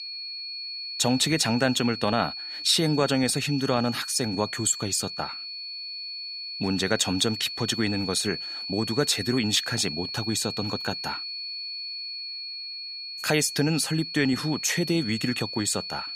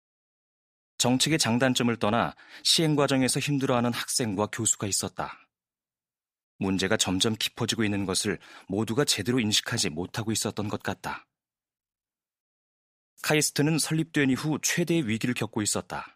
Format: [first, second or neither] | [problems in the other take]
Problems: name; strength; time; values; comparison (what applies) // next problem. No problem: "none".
second | high-pitched whine; loud; throughout; 4.5 kHz, 7 dB below the speech